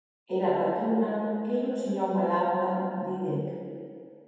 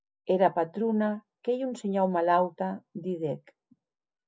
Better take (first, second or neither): second